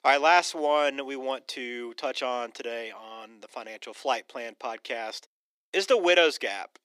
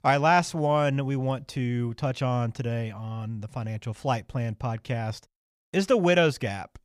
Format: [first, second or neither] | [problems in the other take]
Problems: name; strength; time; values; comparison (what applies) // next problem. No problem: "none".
second | thin; very; fading below 300 Hz